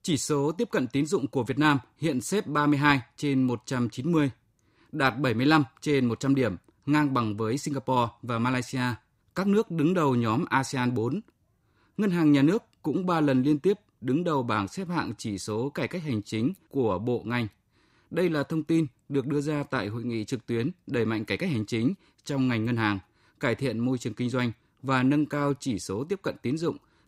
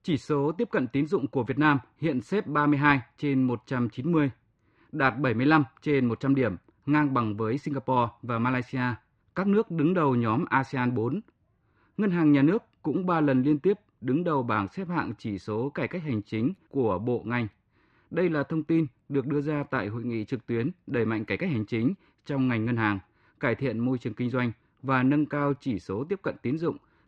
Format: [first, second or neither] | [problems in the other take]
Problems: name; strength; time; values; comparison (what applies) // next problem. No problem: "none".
first | muffled; slightly; fading above 2 kHz